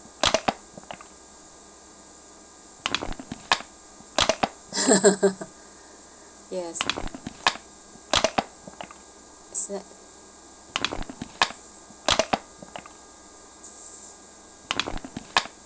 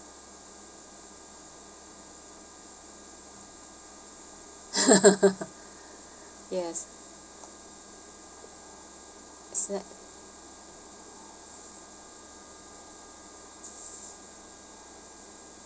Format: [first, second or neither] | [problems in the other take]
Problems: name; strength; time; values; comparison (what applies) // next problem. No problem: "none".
second | background sound (Crushing); 1 dB above the speech